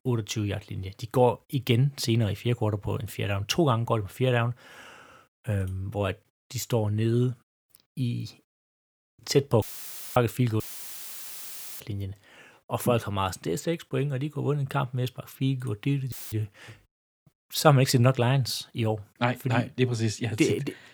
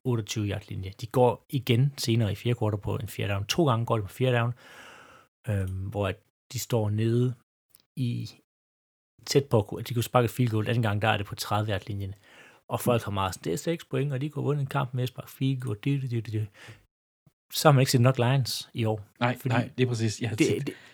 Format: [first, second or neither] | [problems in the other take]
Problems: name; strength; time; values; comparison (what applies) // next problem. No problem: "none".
second | audio cutting out; filled with static; at 9.5 s for 0.5 s, at 11 s for 1 s and at 16 s